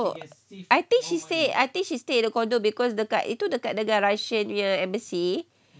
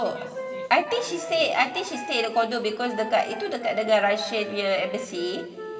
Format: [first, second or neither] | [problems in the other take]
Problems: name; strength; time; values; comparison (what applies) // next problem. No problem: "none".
first | background sound (Wind instrument, woodwind instrument); 11 dB below the speech // room echo; dies away in 2.1 s